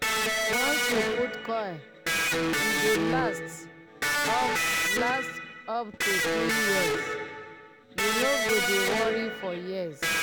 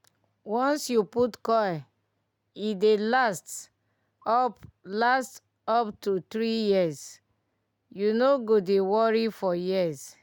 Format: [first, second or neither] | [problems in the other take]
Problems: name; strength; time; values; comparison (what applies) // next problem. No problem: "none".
second | background sound (Electric guitar); 5 dB above the speech